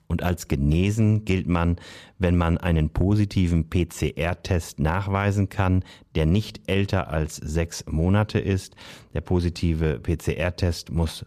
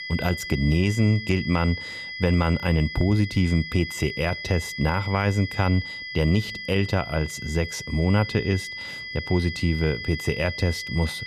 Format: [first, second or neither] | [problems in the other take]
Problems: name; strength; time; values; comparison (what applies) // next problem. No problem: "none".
first | high-pitched whine; loud; throughout; 2 kHz, 8 dB below the speech